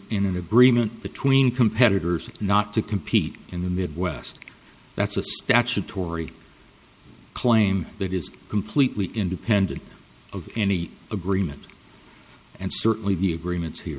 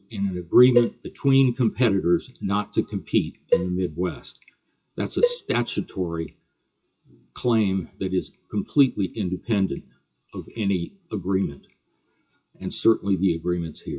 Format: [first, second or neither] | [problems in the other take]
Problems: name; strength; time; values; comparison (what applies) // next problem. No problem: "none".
first | noise reduction (classical method WPE with log-MMSE)